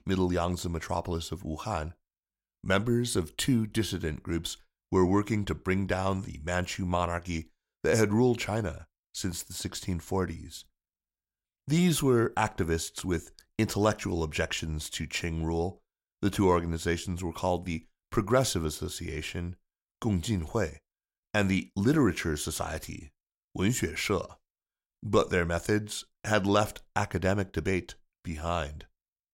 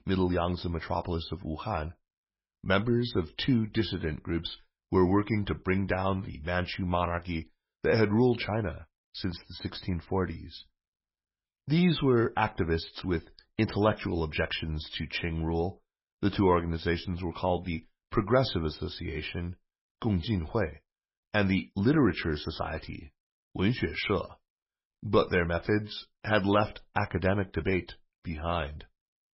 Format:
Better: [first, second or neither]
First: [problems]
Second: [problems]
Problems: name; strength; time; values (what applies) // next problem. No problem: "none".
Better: first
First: none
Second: garbled, watery; badly; nothing above 5.5 kHz